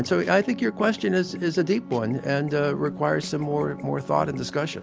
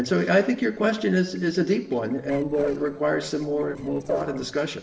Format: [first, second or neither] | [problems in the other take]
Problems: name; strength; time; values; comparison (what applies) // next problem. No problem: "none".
first | noise reduction (neural separator model SepFormer DNS4)